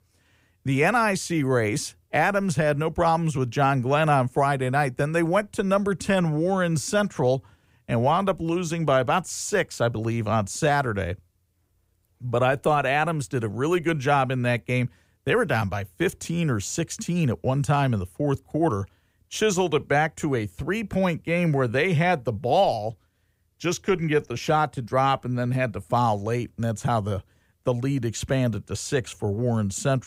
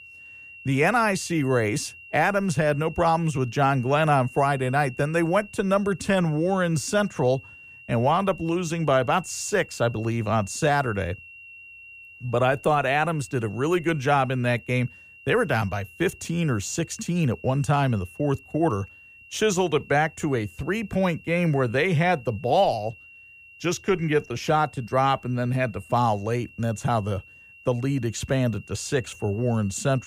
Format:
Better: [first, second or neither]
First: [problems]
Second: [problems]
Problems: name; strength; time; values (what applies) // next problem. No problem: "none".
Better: first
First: none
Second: high-pitched whine; faint; throughout; 2.5 kHz, 20 dB below the speech